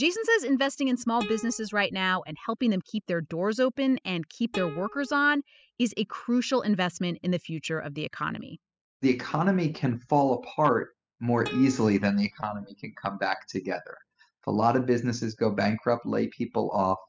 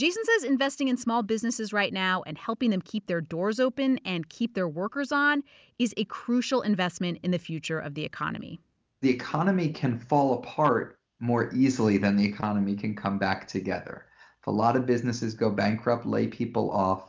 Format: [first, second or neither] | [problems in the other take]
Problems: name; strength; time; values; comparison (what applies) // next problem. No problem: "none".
second | noise reduction (classical method spectral subtraction)